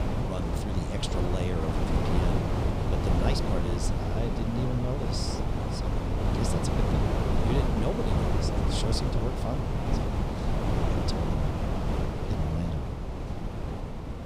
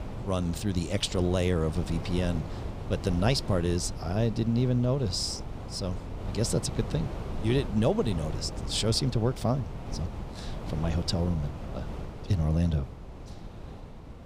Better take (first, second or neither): second